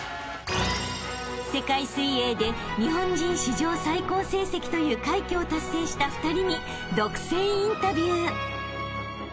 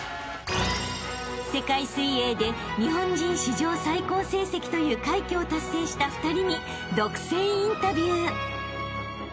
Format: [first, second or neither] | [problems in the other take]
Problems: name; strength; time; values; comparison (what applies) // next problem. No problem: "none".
second | background sound (Water / Splash, splatter); 12 dB below the speech